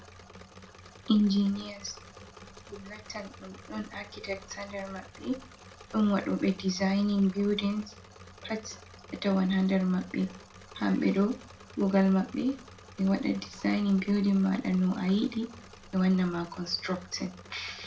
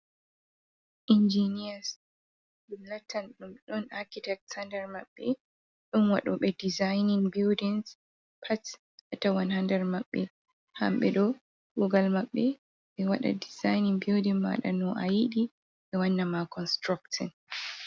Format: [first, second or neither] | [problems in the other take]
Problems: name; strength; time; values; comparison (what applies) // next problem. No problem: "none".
second | background sound (Engine / Mechanisms); 20 dB below the speech // room echo; dies away in 0.3 s